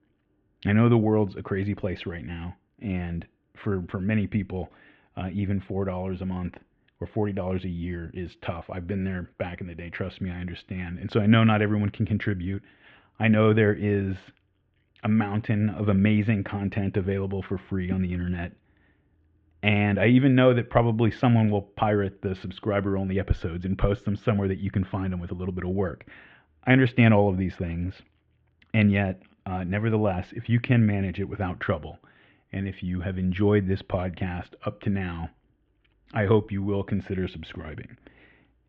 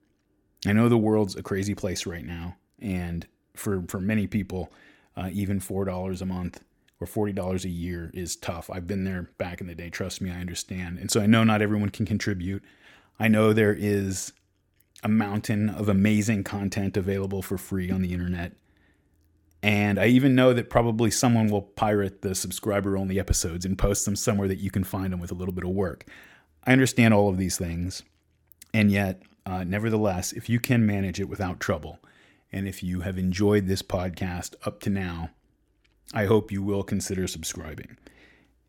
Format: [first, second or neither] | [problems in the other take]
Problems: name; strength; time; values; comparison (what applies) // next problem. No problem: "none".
second | muffled; very; fading above 3 kHz